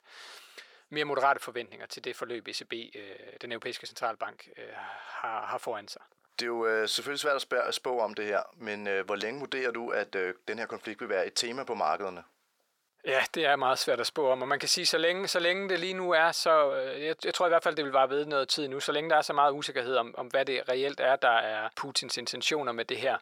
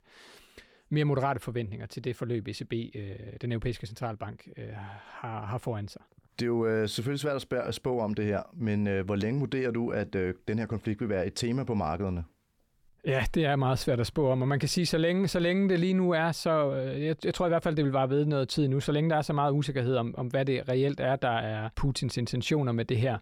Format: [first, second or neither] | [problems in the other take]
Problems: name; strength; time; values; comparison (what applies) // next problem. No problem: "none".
second | thin; very; fading below 600 Hz